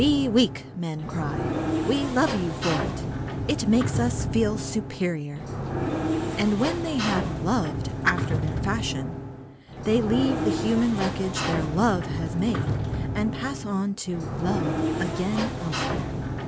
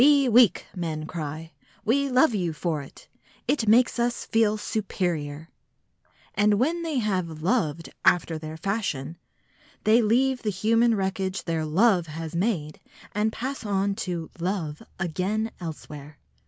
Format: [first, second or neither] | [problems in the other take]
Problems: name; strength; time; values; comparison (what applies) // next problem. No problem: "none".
second | background sound (Sliding door); 2 dB below the speech